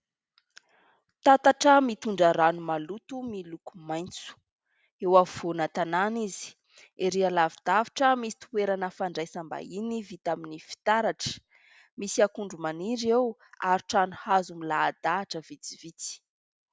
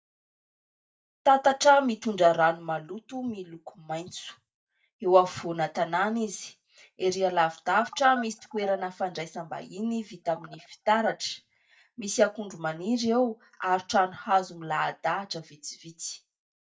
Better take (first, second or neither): first